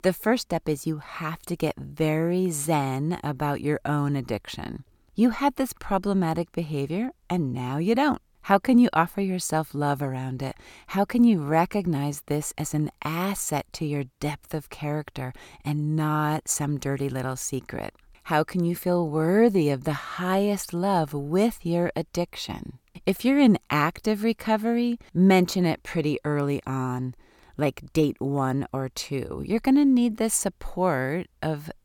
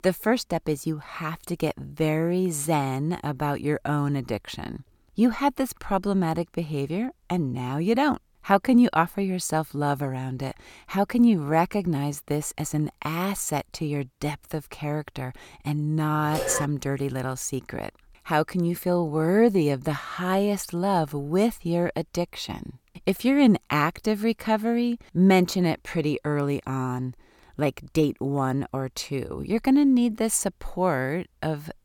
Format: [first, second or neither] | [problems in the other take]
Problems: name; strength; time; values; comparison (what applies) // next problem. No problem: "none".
first | phone ringing; noticeable; at 16 s; peak 4 dB below the speech